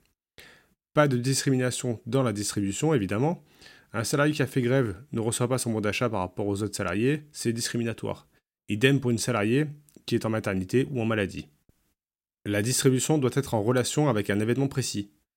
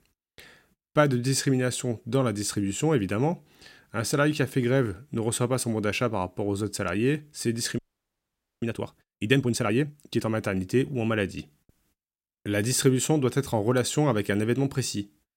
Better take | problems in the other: first | audio freezing; at 8 s for 1 s

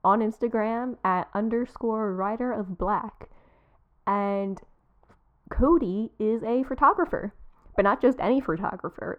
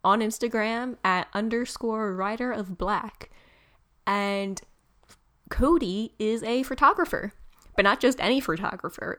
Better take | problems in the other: second | muffled; very; fading above 2.5 kHz

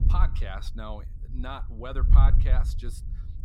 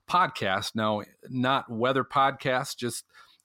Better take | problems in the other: second | wind noise on the microphone; heavy; 7 dB below the speech

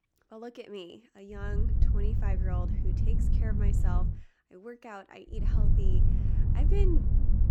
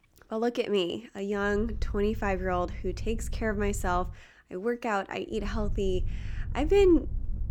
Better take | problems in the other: second | low rumble; loud; from 1.5 to 4 s and from 5.5 s on; 1 dB below the speech; faint in the second

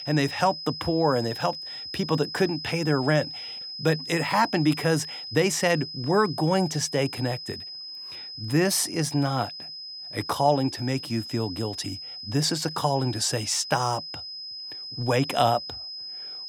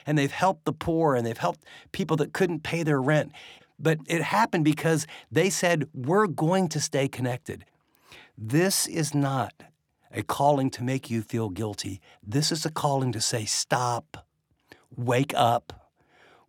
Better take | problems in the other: second | high-pitched whine; loud; throughout; 5 kHz, 9 dB below the speech

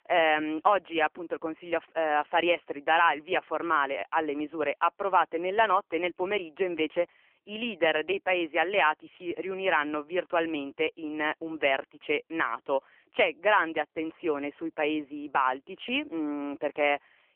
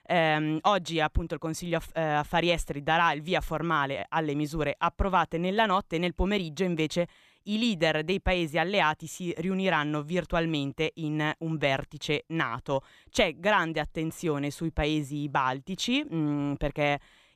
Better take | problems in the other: second | phone-call audio; poor line; nothing above 3 kHz

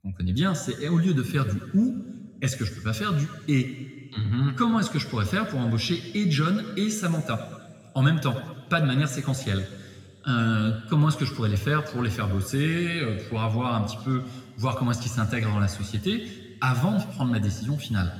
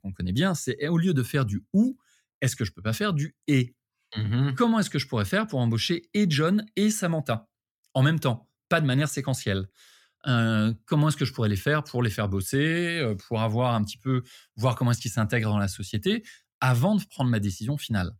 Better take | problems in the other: second | room echo; slight; dies away in 1.5 s

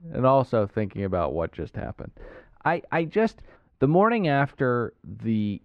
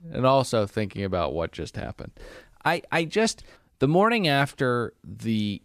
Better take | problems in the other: second | muffled; very; fading above 4 kHz

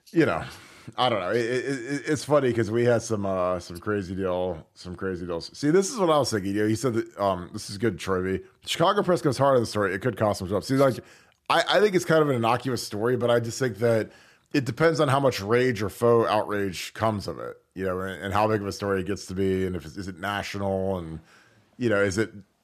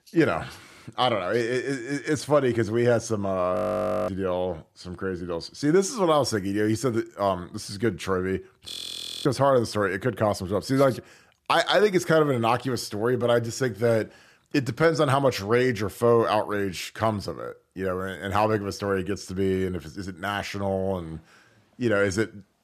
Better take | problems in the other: first | audio freezing; at 3.5 s for 0.5 s and at 8.5 s for 0.5 s

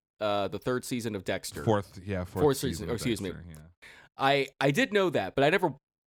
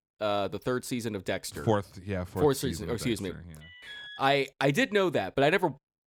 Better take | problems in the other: first | alarm; faint; at 3.5 s; peak 15 dB below the speech

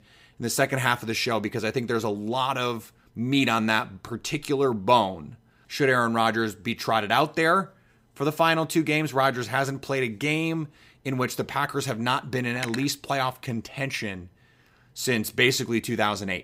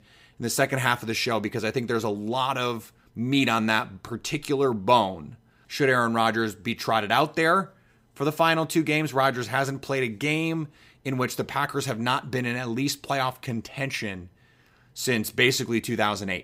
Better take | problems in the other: second | clattering dishes; noticeable; at 13 s; peak 9 dB below the speech

